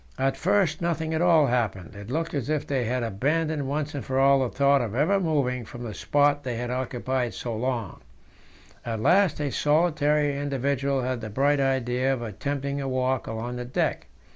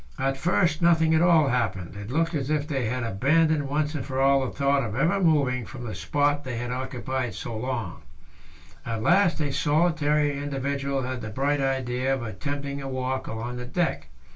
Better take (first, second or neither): first